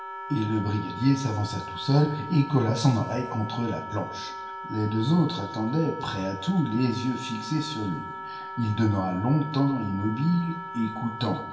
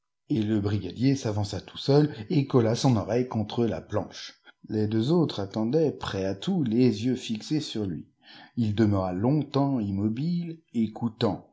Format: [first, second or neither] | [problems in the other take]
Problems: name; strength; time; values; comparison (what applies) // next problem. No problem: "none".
second | background sound (Wind instrument, woodwind instrument); 11 dB below the speech // room echo; dies away in 0.9 s